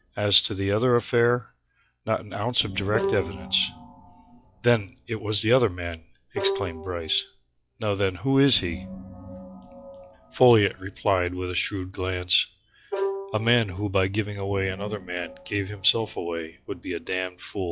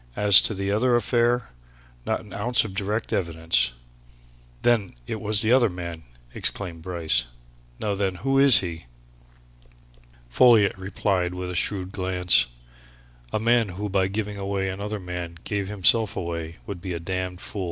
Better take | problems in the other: second | noise reduction (classical method log-MMSE)

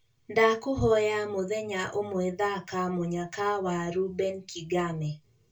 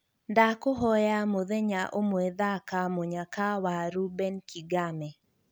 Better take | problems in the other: second | room echo; dies away in 0.2 s

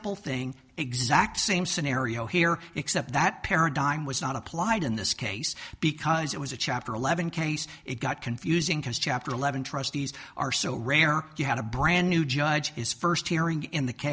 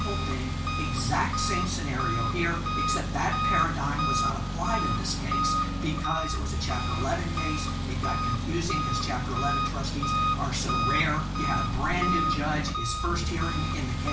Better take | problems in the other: first | background sound (Engine); 3 dB above the speech // room echo; dies away in 0.3 s

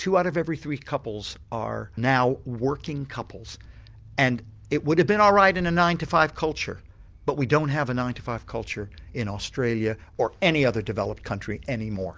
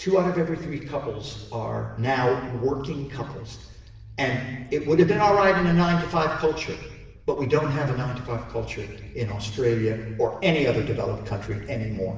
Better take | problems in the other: first | room echo; dies away in 1.1 s

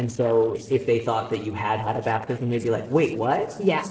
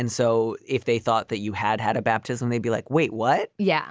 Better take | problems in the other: second | noise reduction (neural separator model SepFormer DNS4)

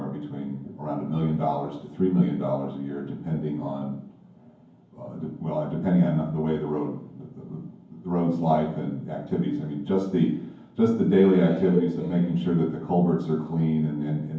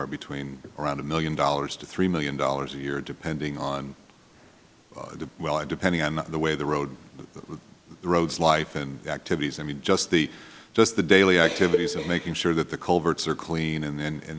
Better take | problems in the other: second | room echo; dies away in 0.9 s

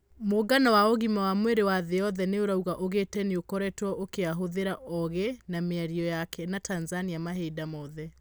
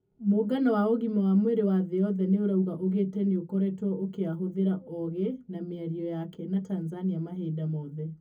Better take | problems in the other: first | room echo; dies away in 0.3 s

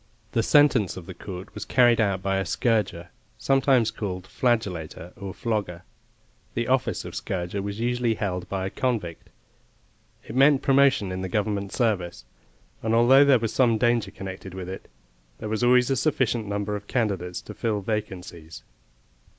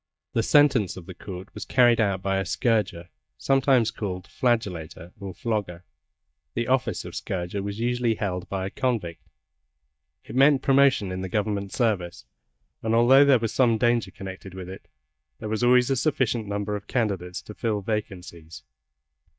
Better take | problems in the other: first | noise reduction (neural mask model DeepFilterNet 3)

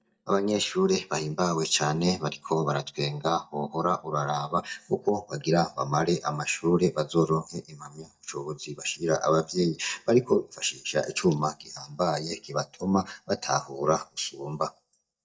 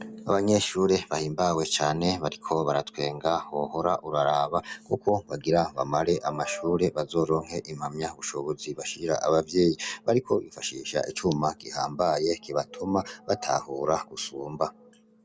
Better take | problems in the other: second | noise reduction (neural mask model DeepFilterNet 3)

